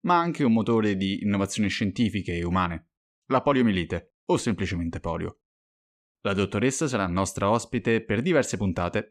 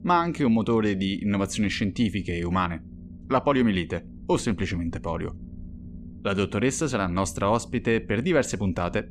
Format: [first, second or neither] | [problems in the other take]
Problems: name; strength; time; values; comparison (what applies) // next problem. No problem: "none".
first | low rumble; faint; throughout; 25 dB below the speech